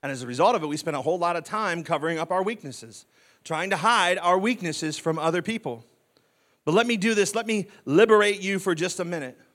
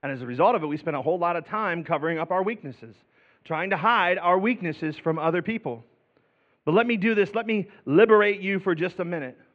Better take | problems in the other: first | muffled; very; fading above 2.5 kHz

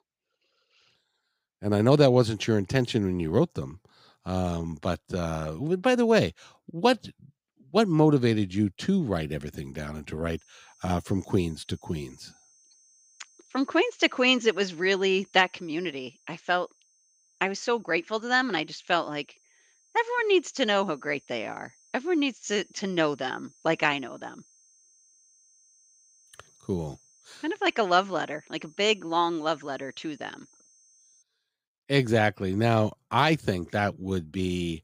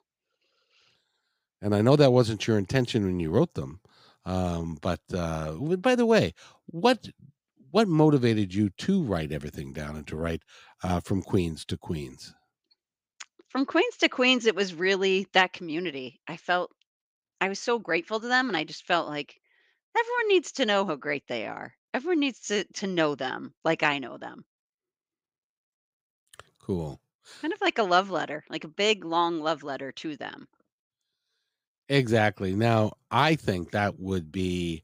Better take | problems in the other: second | high-pitched whine; faint; from 10 to 31 s; 6 kHz, 30 dB below the speech

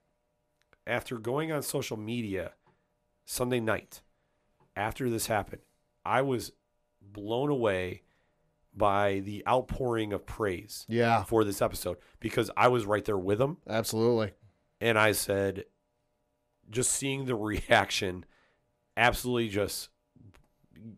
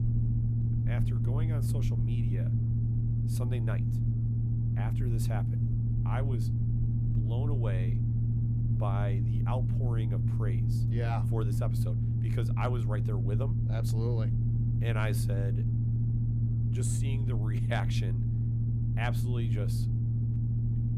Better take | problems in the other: first | low rumble; loud; throughout; as loud as the speech

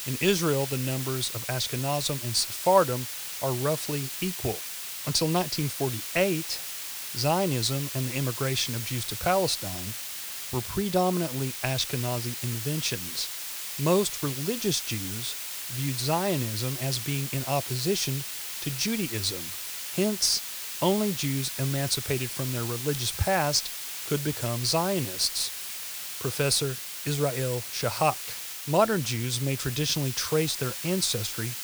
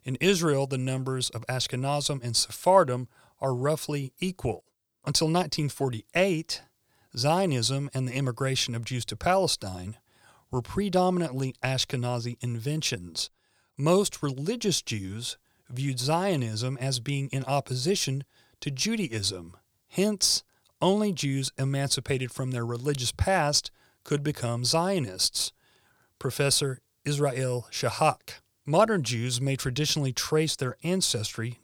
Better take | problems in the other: second | hiss; loud; throughout; 5 dB below the speech

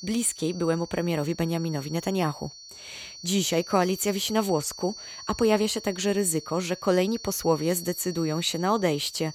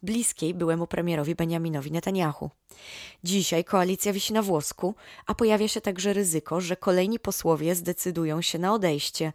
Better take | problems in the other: second | high-pitched whine; noticeable; throughout; 4.5 kHz, 15 dB below the speech

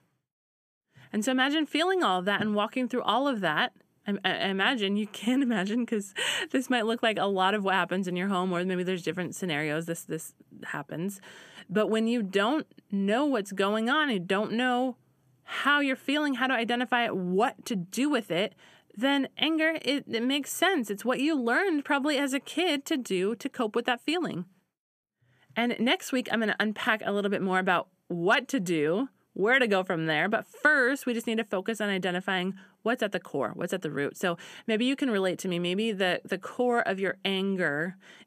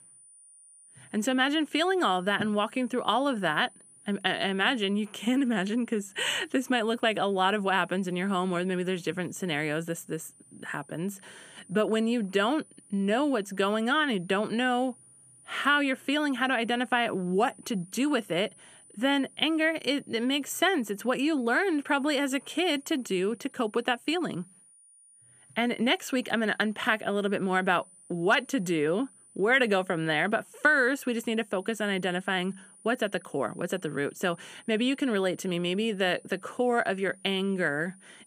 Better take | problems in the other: first | high-pitched whine; faint; throughout; 9.5 kHz, 25 dB below the speech

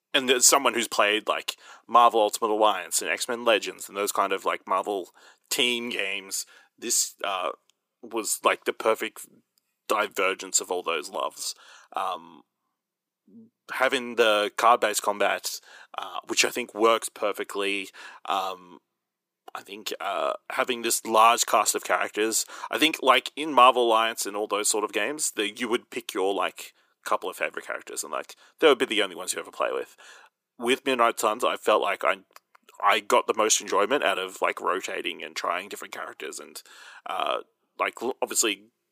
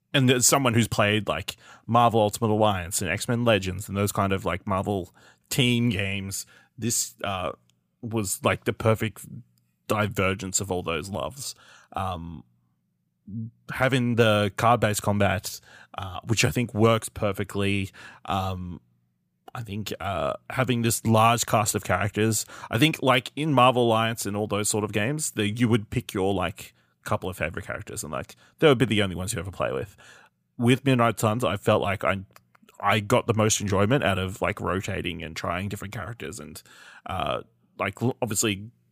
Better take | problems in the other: second | thin; very; fading below 350 Hz

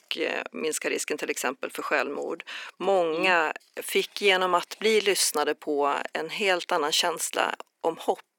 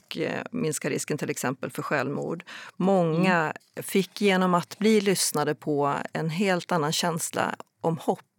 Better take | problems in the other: second | thin; somewhat; fading below 300 Hz

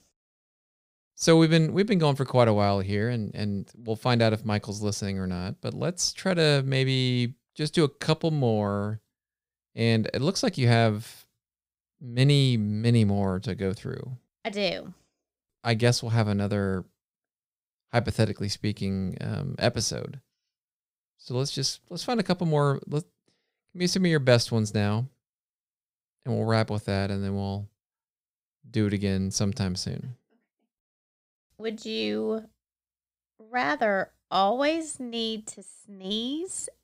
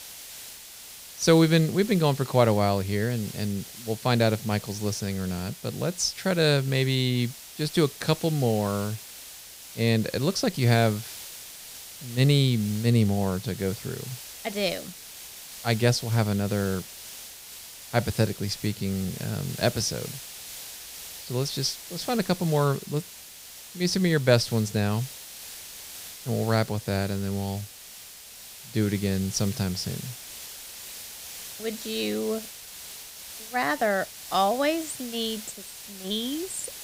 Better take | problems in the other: first | hiss; noticeable; throughout; 15 dB below the speech

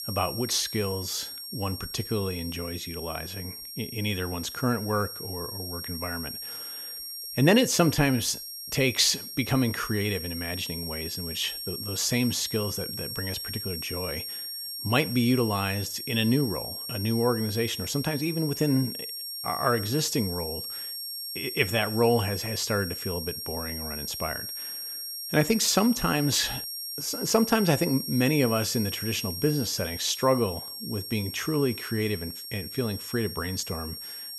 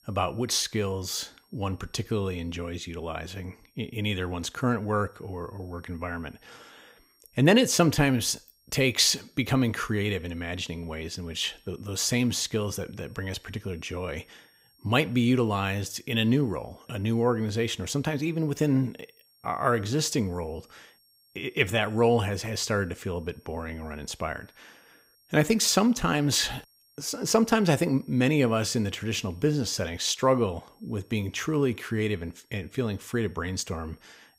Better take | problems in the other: second | high-pitched whine; loud; throughout; 5.5 kHz, 6 dB below the speech; faint in the second

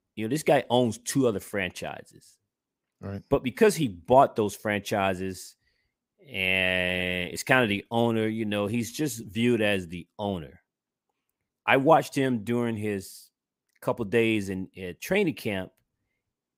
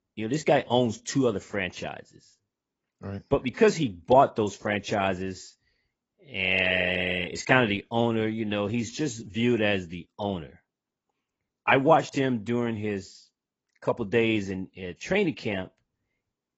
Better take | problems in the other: first | garbled, watery; badly; nothing above 7.5 kHz

